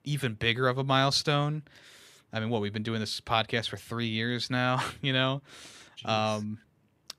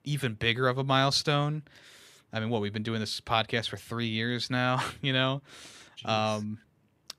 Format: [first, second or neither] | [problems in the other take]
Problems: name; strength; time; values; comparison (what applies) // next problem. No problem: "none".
neither | none